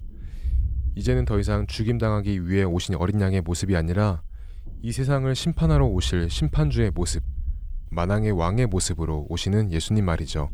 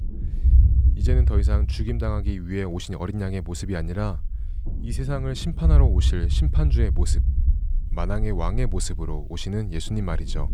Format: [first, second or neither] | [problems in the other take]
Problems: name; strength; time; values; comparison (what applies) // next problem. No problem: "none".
first | low rumble; loud; throughout; 9 dB below the speech; faint in the first